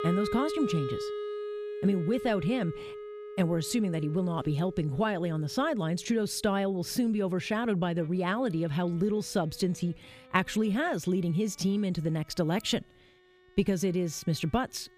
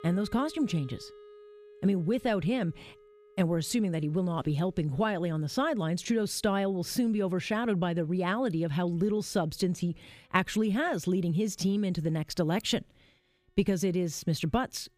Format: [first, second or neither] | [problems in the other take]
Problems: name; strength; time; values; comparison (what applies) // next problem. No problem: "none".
second | background music; loud; throughout; 9 dB below the speech; faint in the second